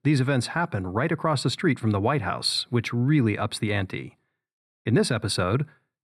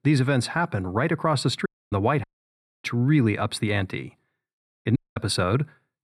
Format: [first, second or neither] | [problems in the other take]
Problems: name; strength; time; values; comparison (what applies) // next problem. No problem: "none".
first | audio cutting out; at 1.5 s, at 2 s for 0.5 s and at 5 s